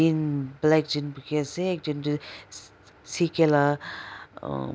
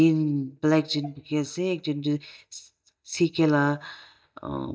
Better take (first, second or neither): first